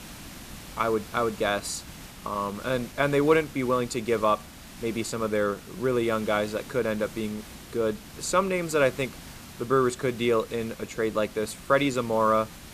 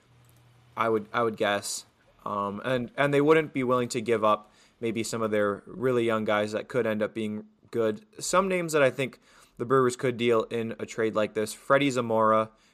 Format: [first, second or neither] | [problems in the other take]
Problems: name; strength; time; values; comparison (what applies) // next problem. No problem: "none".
second | hiss; noticeable; throughout; 15 dB below the speech